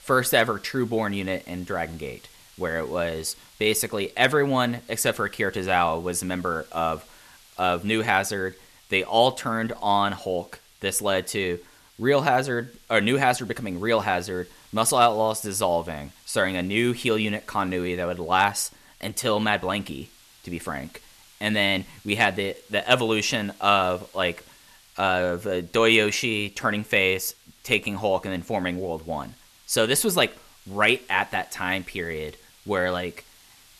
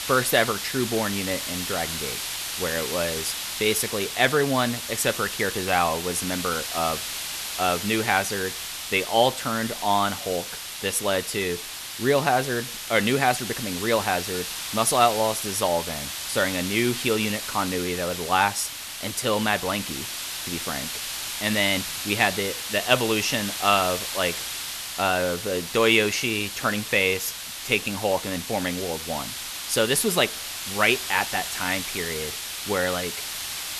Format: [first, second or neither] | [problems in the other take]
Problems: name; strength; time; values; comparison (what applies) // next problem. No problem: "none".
first | hiss; loud; throughout; 5 dB below the speech; faint in the first